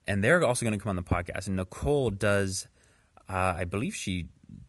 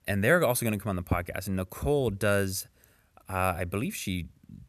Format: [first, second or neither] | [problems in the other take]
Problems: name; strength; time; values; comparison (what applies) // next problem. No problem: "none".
second | garbled, watery; slightly; nothing above 11 kHz